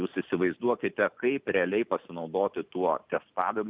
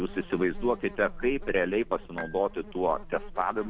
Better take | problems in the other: first | background sound (Dishes, pots, and pans / Chink, clink + Insect); 11 dB below the speech

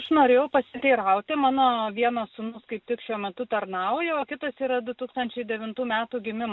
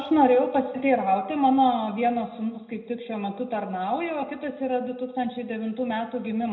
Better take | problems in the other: first | room echo; dies away in 0.8 s

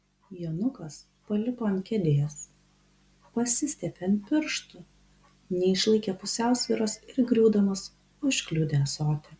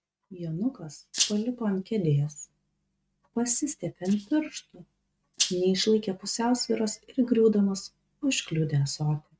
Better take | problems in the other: first | noise reduction (neural mask model RNNoise)

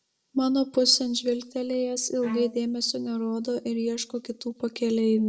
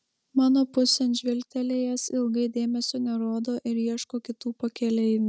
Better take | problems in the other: second | background sound (Bowed string instrument); 16 dB below the speech // room echo; dies away in 0.3 s

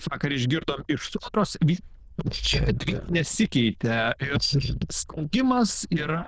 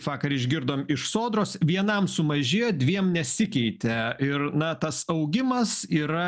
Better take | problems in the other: second | noise reduction (neural diffusion model UNIVERSE++)

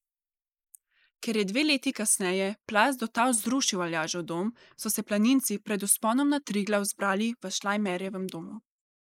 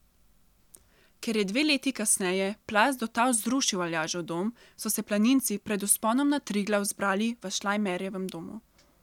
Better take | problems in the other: second | noise reduction (neural mask model Resemble Enhance denoiser)

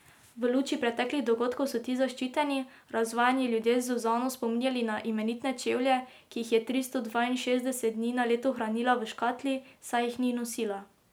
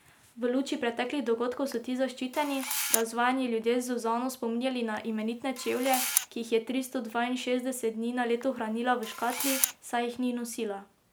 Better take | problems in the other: first | background sound (Camera); 5 dB below the speech

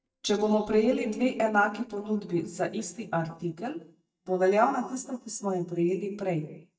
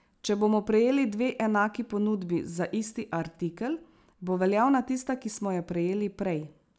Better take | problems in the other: second | noise reduction (neural mask model DeepFilterNet 3)

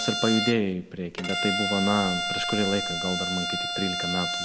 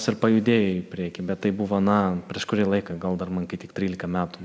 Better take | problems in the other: second | background sound (Bowed string instrument); 2 dB below the speech

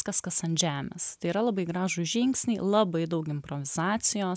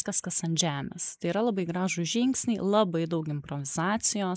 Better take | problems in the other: first | noise reduction (neural mask model Resemble Enhance denoiser)

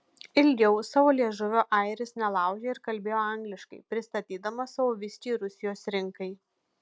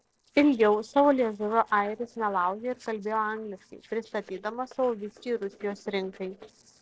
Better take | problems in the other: first | noise reduction (neural separator model SepFormer DNS4)

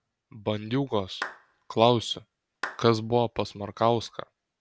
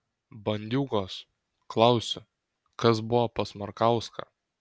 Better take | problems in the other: second | background sound (Clapping); 15 dB below the speech

